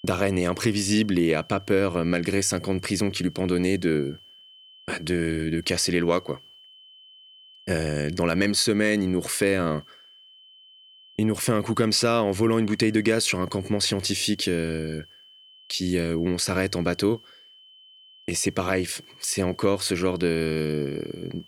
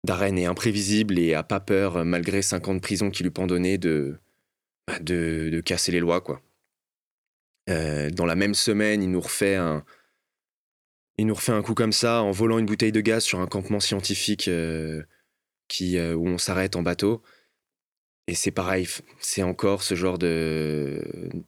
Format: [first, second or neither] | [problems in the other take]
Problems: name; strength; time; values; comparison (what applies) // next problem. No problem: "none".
second | high-pitched whine; faint; throughout; 3 kHz, 25 dB below the speech